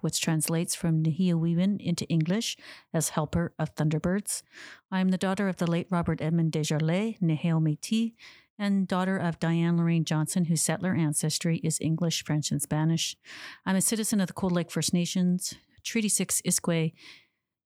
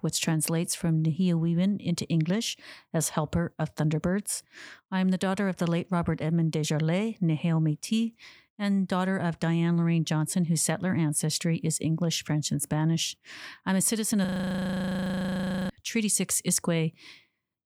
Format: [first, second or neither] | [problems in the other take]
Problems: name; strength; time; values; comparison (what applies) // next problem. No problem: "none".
first | audio freezing; at 14 s for 1.5 s